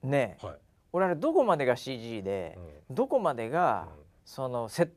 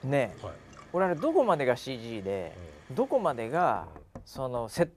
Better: first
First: none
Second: household noises; faint; throughout; 20 dB below the speech

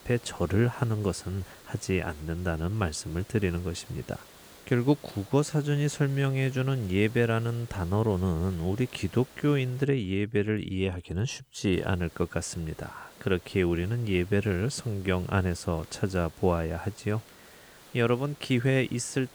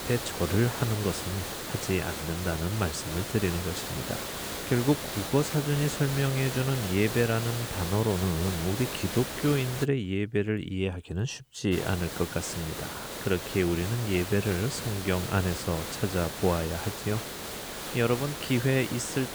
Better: first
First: hiss; faint; until 10 s and from 12 s on; 20 dB below the speech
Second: hiss; loud; until 10 s and from 12 s on; 5 dB below the speech

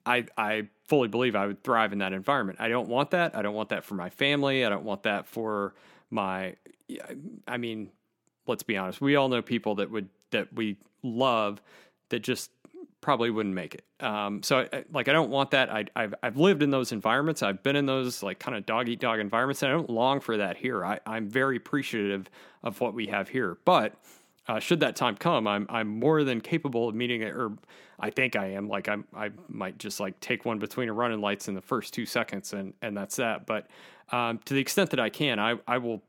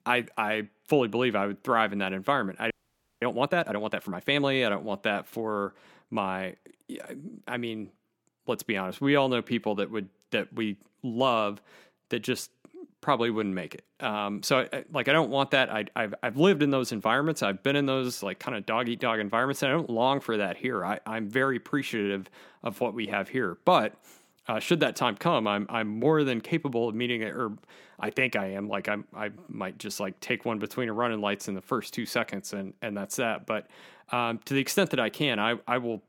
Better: first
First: none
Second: audio freezing; at 2.5 s for 0.5 s

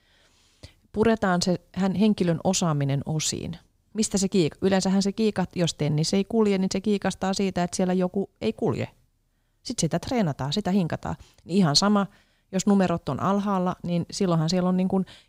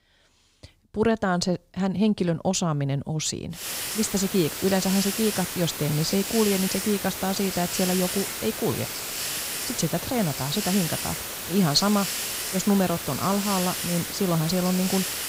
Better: first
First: none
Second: hiss; loud; from 3.5 s on; 3 dB below the speech

